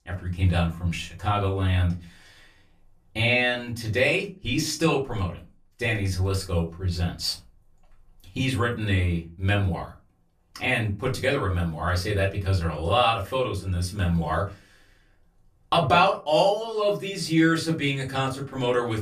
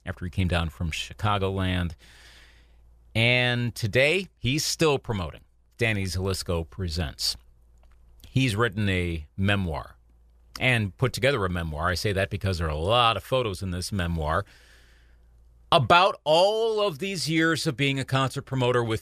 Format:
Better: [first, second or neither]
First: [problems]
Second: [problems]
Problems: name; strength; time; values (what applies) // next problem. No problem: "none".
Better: second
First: off-mic speech; far // room echo; very slight; dies away in 0.3 s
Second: none